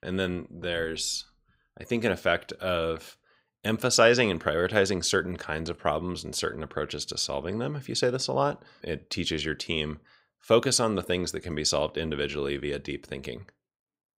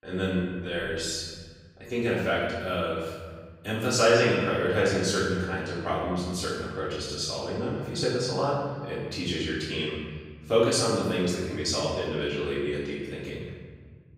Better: first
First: none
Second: room echo; noticeable; dies away in 1.7 s // off-mic speech; far

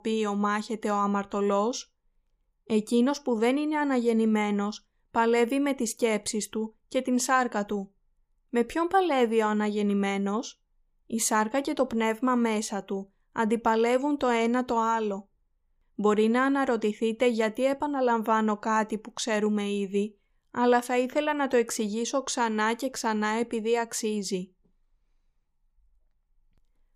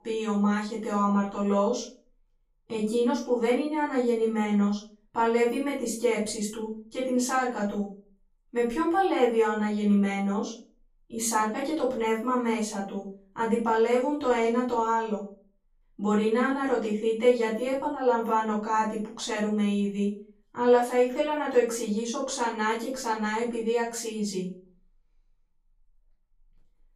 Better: first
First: none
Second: room echo; noticeable; dies away in 0.3 s // off-mic speech; far

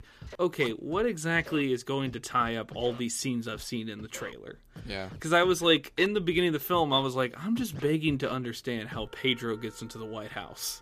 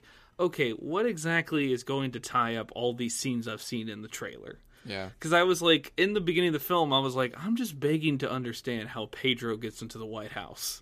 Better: second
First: background music; noticeable; throughout; 20 dB below the speech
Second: none

